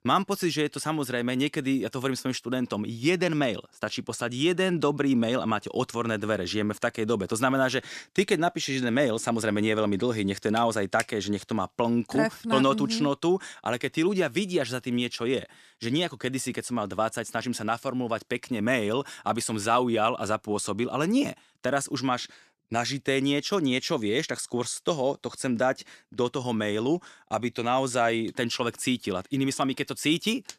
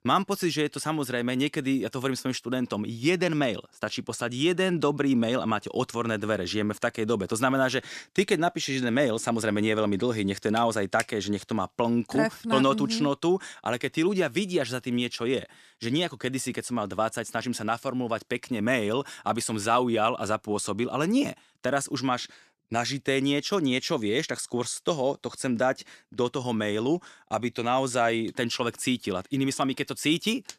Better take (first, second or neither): neither